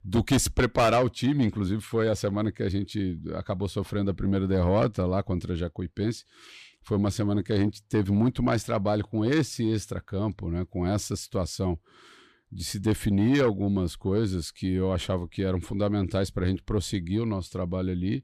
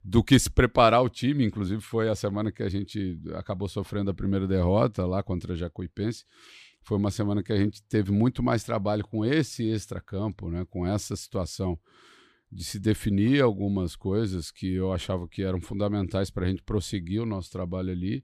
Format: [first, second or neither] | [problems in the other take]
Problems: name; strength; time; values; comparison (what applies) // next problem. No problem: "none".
second | distortion; slight; 10 dB below the speech